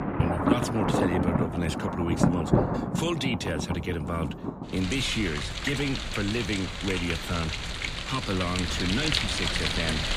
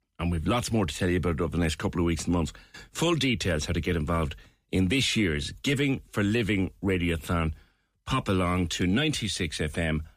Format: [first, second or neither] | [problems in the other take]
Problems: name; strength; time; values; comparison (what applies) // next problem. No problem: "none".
second | rain or running water; very loud; throughout; 1 dB above the speech